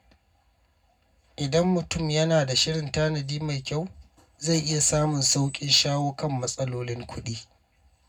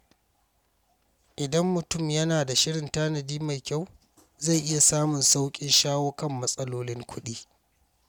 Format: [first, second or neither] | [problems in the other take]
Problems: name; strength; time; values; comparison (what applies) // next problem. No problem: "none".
second | room echo; dies away in 0.3 s